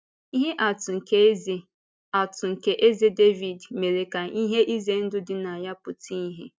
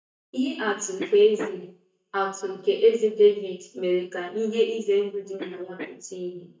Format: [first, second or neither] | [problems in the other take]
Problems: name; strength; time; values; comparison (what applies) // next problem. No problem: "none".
first | noise reduction (neural mask model DeepFilterNet 3)